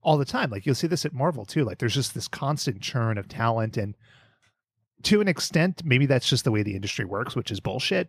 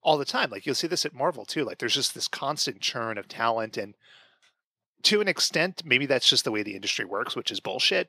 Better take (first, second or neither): first